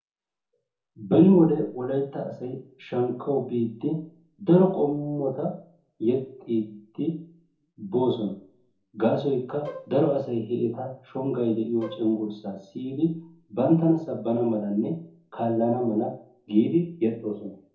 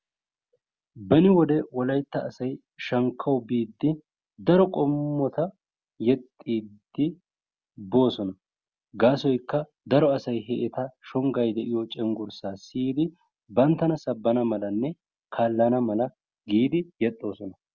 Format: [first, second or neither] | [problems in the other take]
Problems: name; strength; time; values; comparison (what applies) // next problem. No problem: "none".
second | background sound (Bowed string instrument); 16 dB below the speech // room echo; dies away in 0.5 s